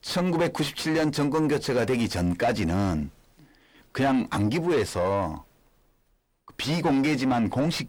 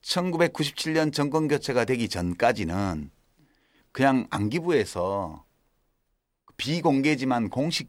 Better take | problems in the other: second | distortion; heavy; 8 dB below the speech

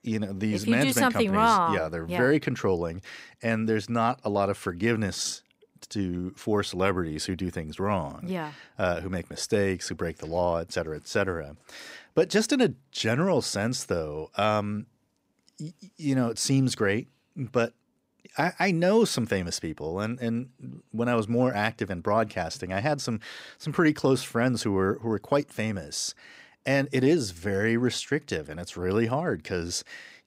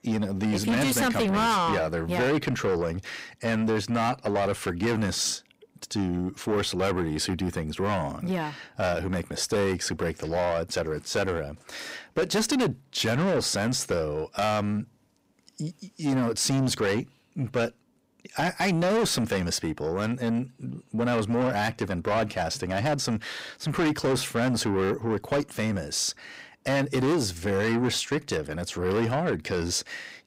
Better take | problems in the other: first | distortion; heavy; 7 dB below the speech

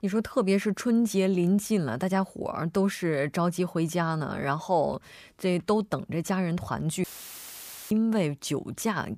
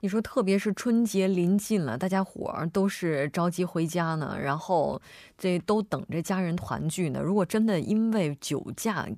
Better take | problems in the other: second | audio cutting out; filled with static; at 7 s for 1 s

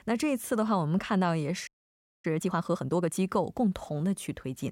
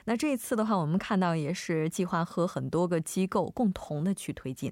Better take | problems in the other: second | audio freezing; at 1.5 s for 0.5 s

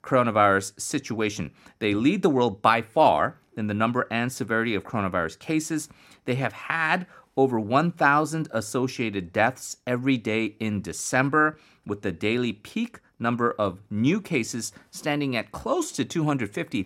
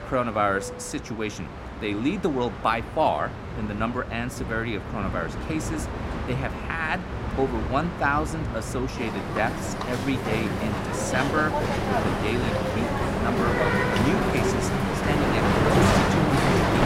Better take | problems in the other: first | train or aircraft noise; very loud; throughout; 2 dB above the speech

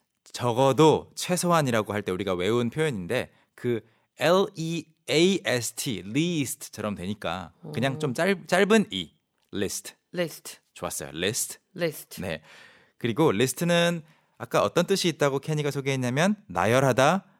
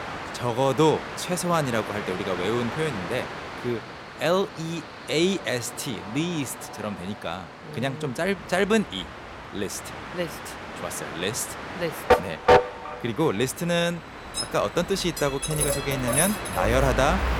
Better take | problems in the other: first | train or aircraft noise; loud; throughout; 3 dB below the speech

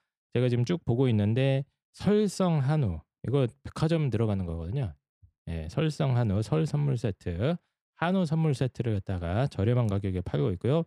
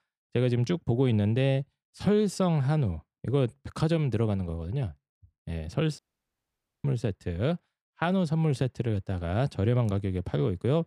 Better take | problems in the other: first | audio cutting out; at 6 s for 1 s

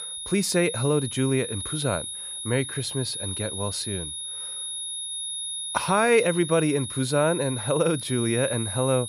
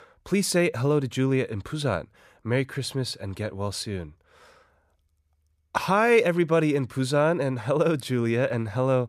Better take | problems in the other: second | high-pitched whine; loud; throughout; 10.5 kHz, 6 dB below the speech

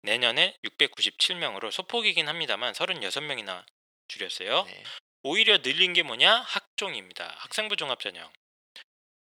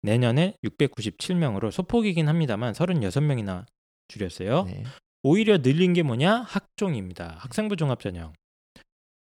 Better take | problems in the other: second | thin; very; fading below 700 Hz

